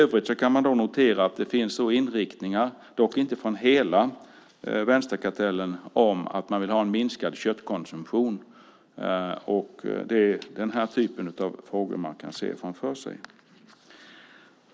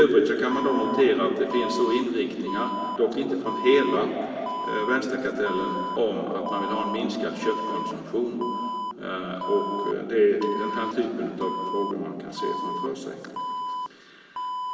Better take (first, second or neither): first